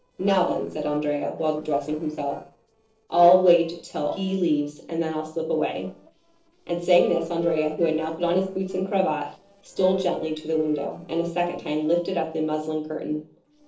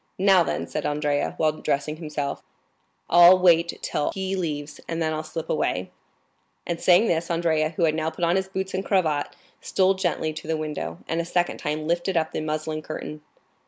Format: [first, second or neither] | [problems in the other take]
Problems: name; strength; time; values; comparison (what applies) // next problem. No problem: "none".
second | noise reduction (neural separator model SepFormer DNS4)